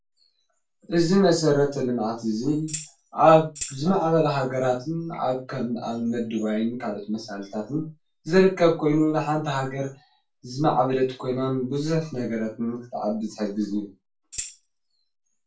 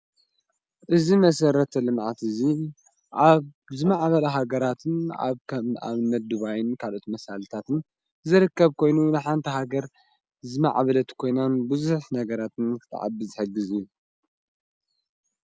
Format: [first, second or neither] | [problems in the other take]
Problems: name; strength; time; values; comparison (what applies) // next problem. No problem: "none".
second | background sound (Tambourine); 13 dB below the speech // room echo; dies away in 0.2 s